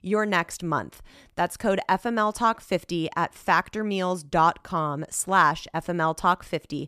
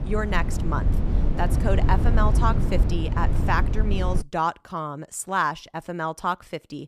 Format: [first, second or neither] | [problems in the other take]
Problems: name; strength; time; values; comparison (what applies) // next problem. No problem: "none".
first | low rumble; loud; until 4 s; 9 dB below the speech